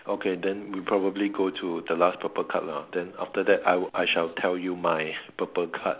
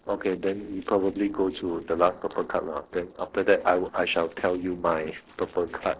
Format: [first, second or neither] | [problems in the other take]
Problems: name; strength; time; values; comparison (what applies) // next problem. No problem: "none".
first | noise reduction (neural separator model SepFormer DNS4)